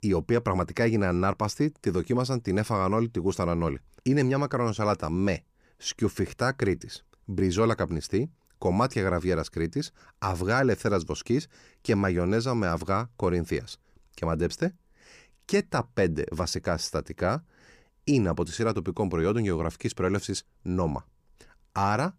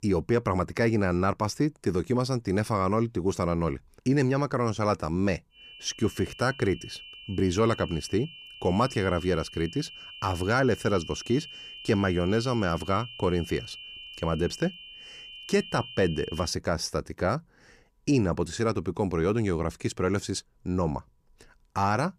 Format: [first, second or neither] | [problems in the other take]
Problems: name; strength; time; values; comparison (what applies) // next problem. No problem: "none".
first | high-pitched whine; noticeable; from 5.5 to 16 s; 3 kHz, 15 dB below the speech